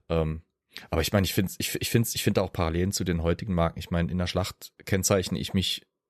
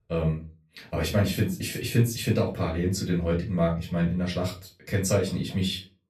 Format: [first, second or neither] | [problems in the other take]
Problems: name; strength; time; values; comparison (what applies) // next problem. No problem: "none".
first | off-mic speech; far // room echo; very slight; dies away in 0.3 s